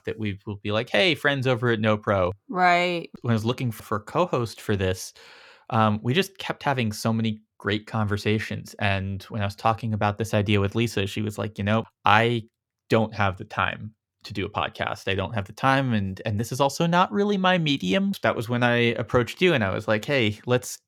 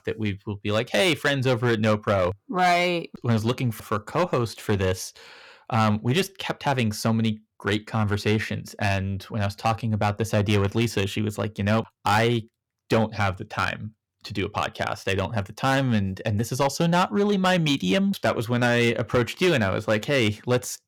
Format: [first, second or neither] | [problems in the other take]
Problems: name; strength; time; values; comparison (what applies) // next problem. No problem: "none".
first | distortion; slight; 5% of the sound clipped